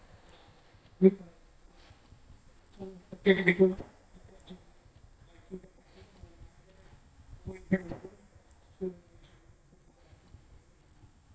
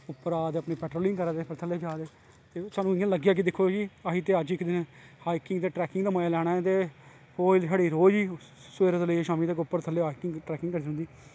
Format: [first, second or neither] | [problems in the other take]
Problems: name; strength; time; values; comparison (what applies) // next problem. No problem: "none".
second | noise reduction (neural mask model DeepFilterNet 3)